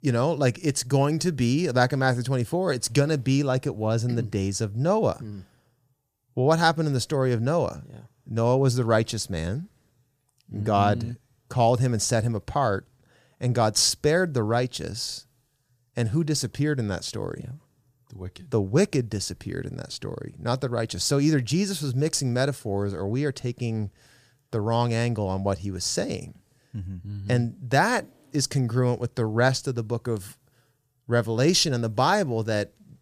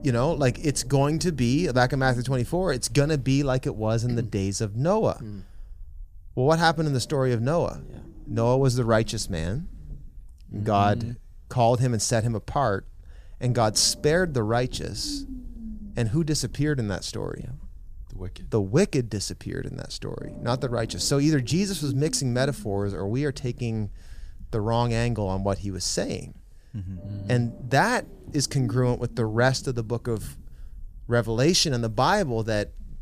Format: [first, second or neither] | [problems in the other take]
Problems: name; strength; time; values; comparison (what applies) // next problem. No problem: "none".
first | low rumble; faint; throughout; 20 dB below the speech